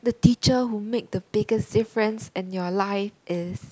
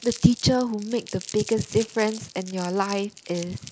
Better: first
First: none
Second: background sound (Crumpling, crinkling); 16 dB below the speech

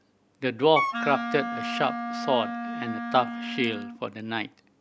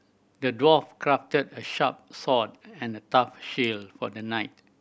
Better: second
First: background sound (Wind instrument, woodwind instrument); 4 dB below the speech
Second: none

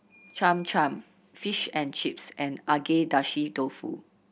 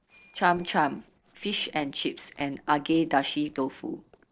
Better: first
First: none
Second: noise reduction (neural separator model SepFormer DNS4)

